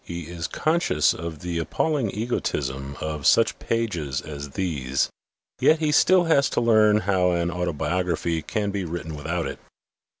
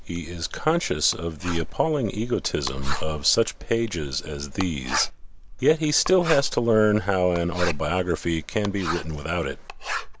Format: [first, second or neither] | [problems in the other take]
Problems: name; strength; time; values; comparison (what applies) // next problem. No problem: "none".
first | background sound (Writing); 7 dB below the speech